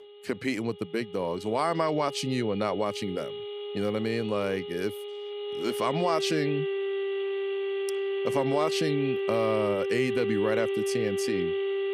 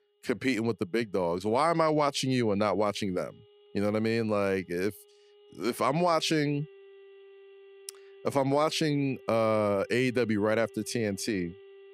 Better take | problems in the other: second | alarms or sirens; loud; throughout; 2 dB below the speech; faint in the second

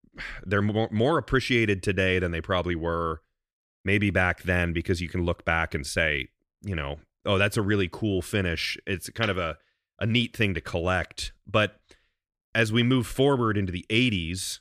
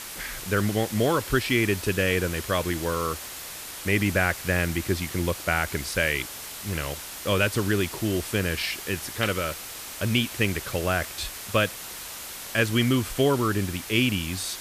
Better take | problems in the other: first | hiss; loud; throughout; 9 dB below the speech

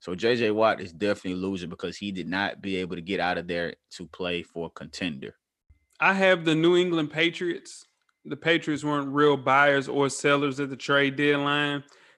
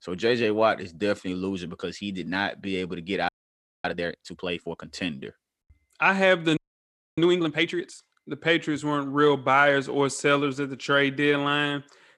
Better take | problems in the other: first | audio freezing; at 3.5 s for 0.5 s and at 6.5 s for 0.5 s

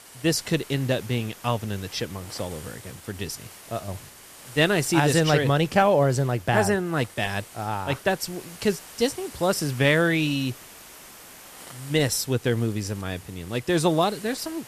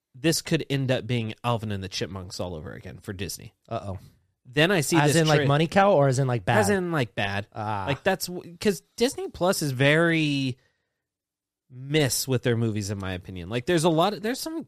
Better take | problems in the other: second | hiss; noticeable; throughout; 20 dB below the speech

